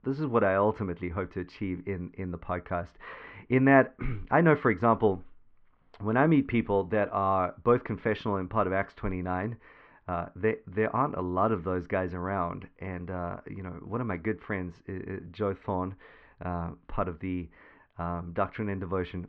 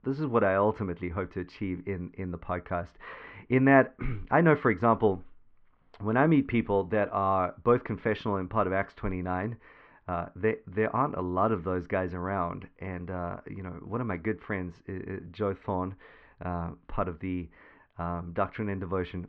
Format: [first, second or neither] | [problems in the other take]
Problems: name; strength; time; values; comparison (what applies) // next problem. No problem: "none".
neither | muffled; very; fading above 2.5 kHz; the same in both